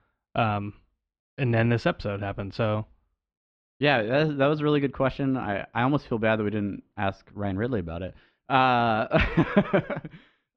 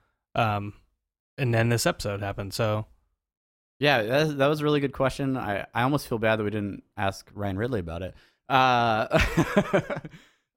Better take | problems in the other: second | muffled; slightly; fading above 3.5 kHz

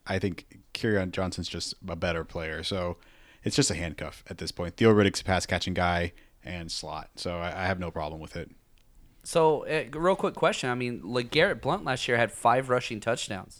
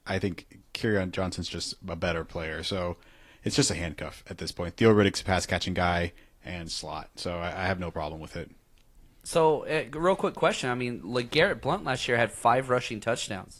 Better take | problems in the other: first | garbled, watery; slightly

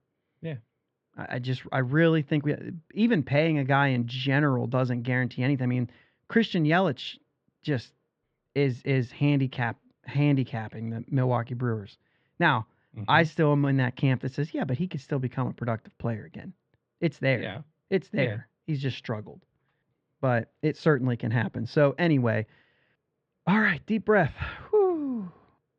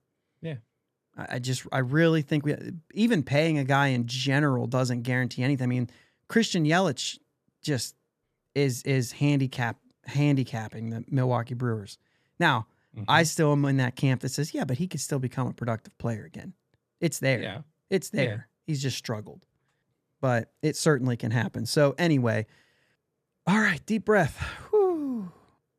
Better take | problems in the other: second | muffled; slightly; fading above 3.5 kHz

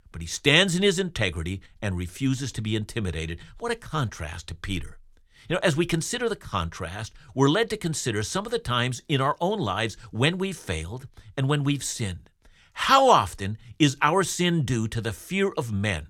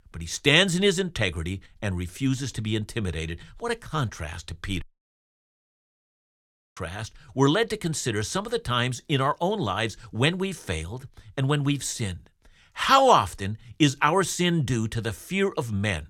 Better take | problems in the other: first | audio cutting out; at 5 s for 2 s

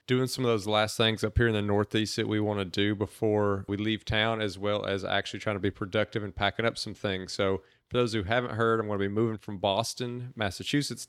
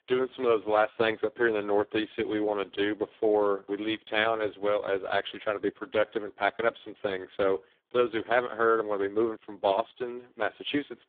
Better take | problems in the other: first | phone-call audio; poor line

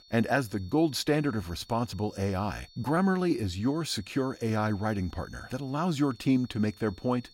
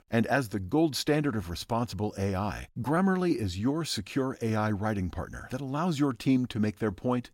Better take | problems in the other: second | high-pitched whine; faint; throughout; 4.5 kHz, 25 dB below the speech

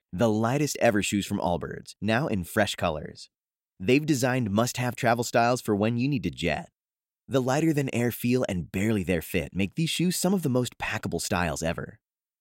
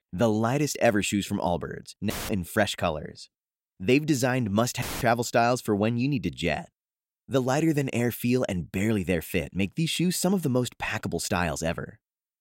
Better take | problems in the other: first | audio cutting out; filled with static; at 2 s and at 5 s

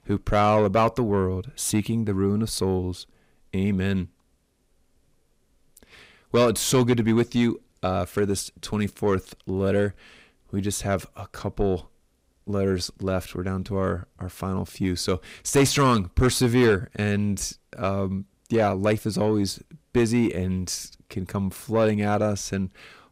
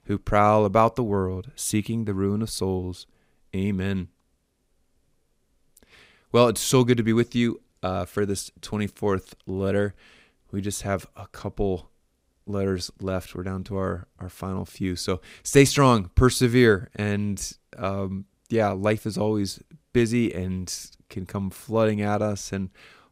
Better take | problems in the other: second | distortion; slight; 10 dB below the speech

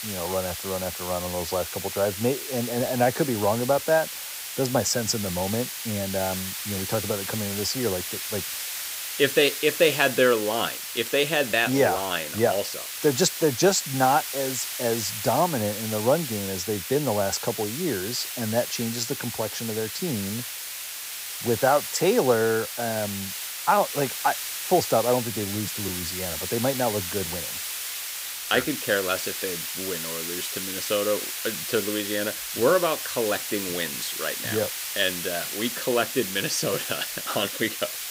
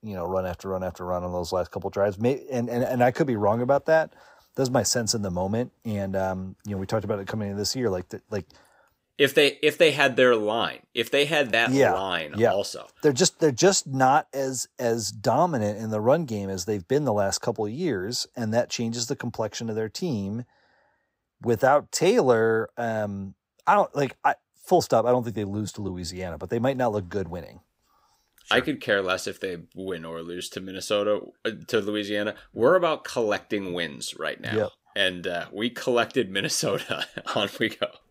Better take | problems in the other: second | hiss; loud; throughout; 4 dB below the speech

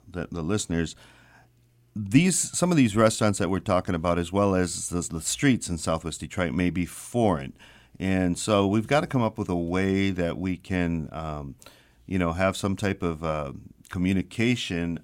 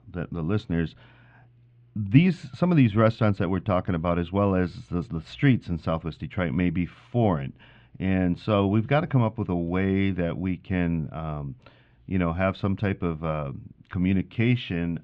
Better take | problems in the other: first | muffled; very; fading above 3 kHz

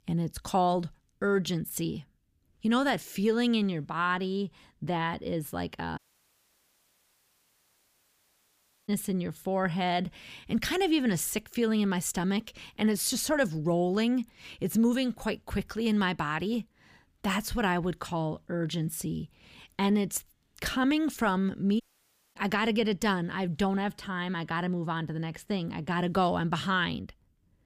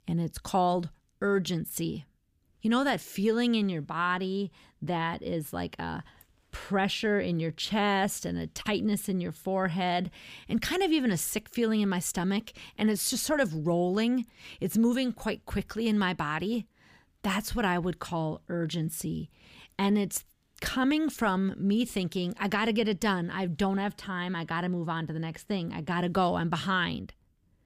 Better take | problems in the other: second | audio cutting out; at 6 s for 3 s and at 22 s for 0.5 s

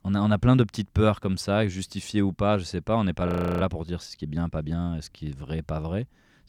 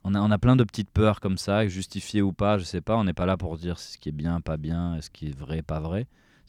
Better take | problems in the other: second | audio freezing; at 3.5 s

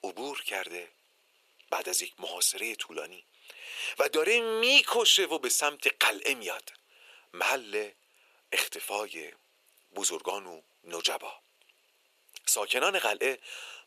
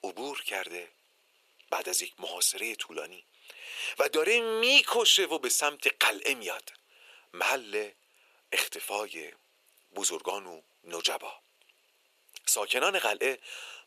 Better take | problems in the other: neither | thin; very; fading below 450 Hz; the same in both

